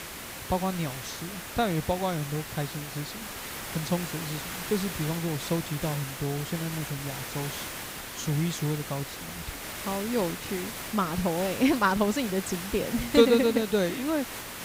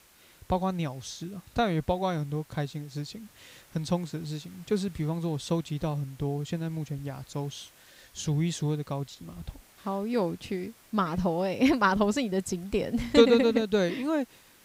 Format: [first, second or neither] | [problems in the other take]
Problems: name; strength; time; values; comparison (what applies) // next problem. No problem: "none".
second | hiss; loud; throughout; 7 dB below the speech; faint in the second